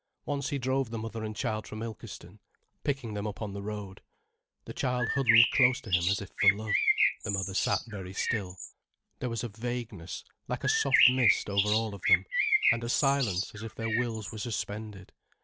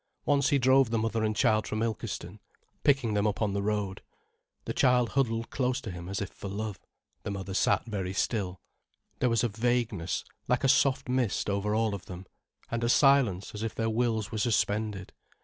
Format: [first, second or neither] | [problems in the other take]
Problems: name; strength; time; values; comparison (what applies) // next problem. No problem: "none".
second | background sound (Bird); 4 dB above the speech